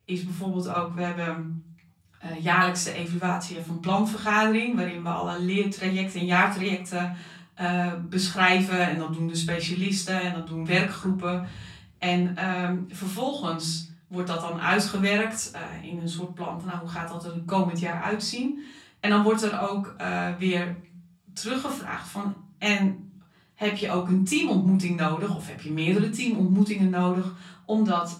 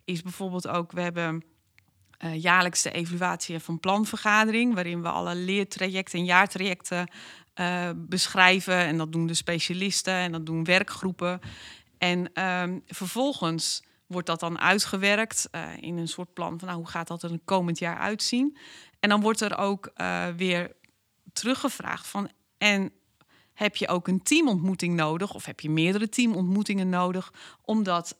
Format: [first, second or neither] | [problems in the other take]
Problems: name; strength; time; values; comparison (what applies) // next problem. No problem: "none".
second | off-mic speech; far // room echo; slight; dies away in 0.5 s